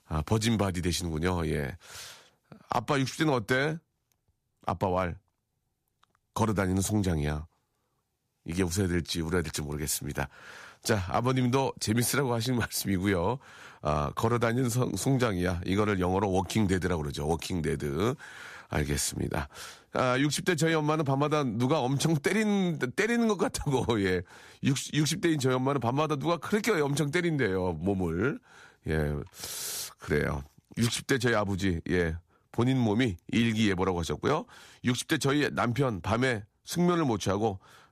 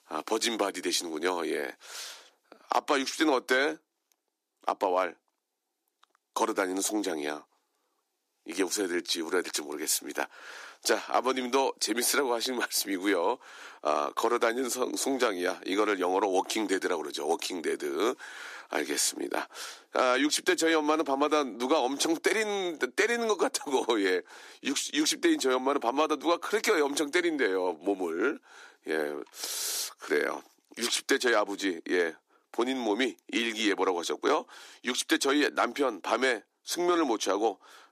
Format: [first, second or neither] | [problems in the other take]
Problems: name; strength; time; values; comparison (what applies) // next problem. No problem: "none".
first | thin; somewhat; fading below 300 Hz